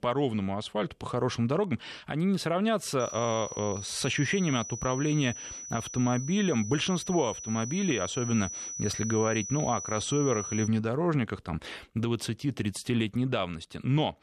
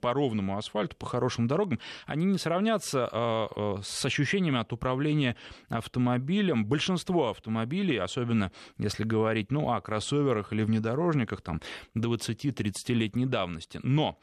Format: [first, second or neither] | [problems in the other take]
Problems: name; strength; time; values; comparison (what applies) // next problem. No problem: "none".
second | high-pitched whine; loud; from 3 to 11 s; 6 kHz, 8 dB below the speech